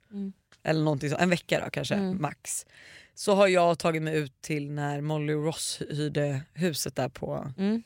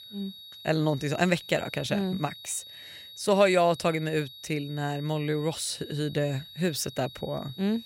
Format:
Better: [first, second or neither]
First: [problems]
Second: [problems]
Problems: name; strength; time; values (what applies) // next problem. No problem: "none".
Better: first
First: none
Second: high-pitched whine; noticeable; throughout; 4 kHz, 15 dB below the speech